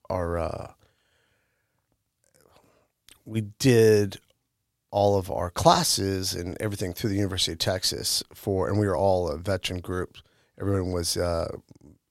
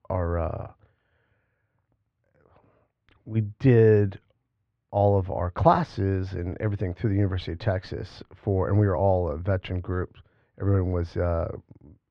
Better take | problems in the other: first | muffled; very; fading above 2 kHz

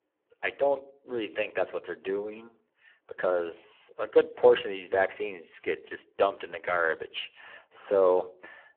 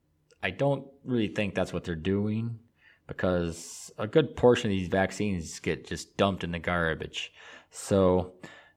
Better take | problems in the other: second | phone-call audio; poor line

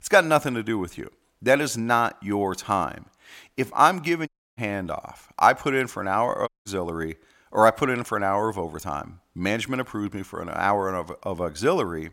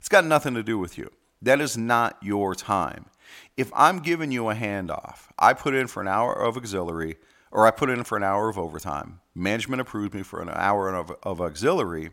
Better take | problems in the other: second | audio cutting out; at 4.5 s and at 6.5 s

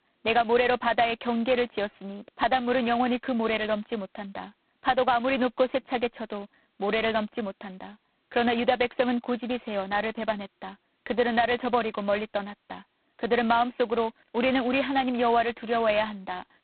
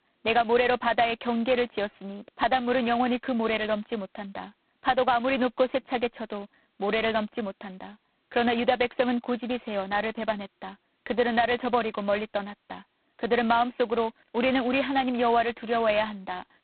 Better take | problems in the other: neither | phone-call audio; poor line; nothing above 4 kHz; the same in both

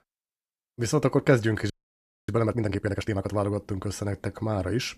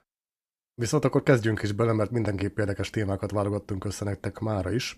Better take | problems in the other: second | audio freezing; at 1.5 s for 0.5 s

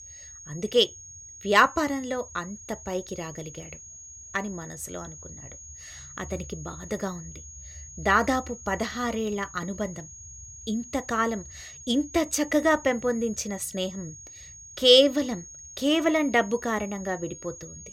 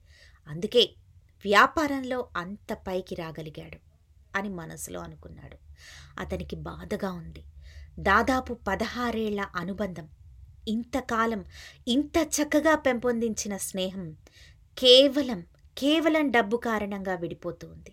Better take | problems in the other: second | high-pitched whine; noticeable; throughout; 6.5 kHz, 15 dB below the speech

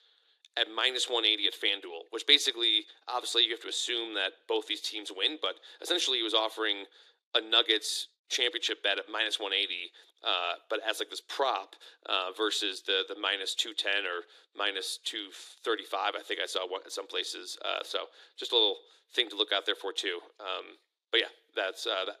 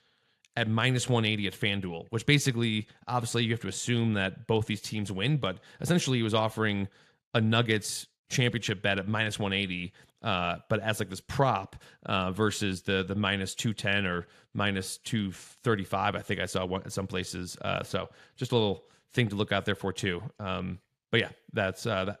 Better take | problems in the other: second | thin; very; fading below 300 Hz

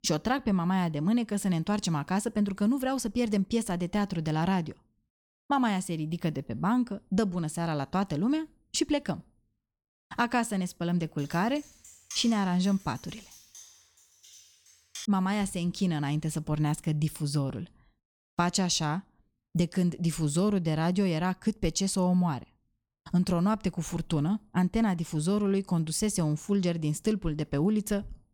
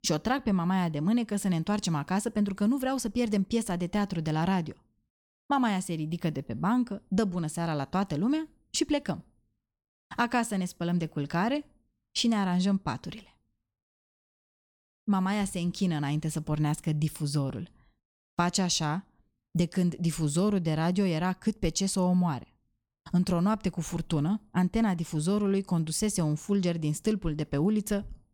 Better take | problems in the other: second | keyboard typing; faint; from 11 to 15 s; peak 10 dB below the speech

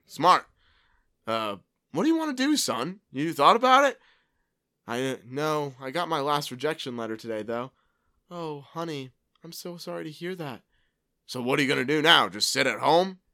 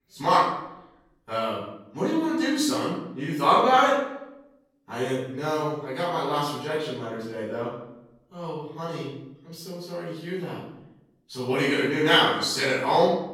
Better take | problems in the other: first | off-mic speech; far // room echo; strong; dies away in 0.7 s

